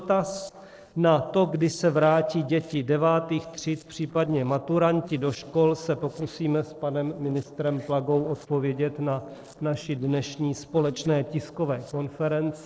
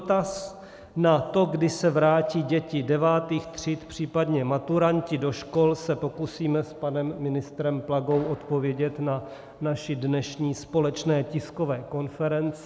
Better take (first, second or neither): second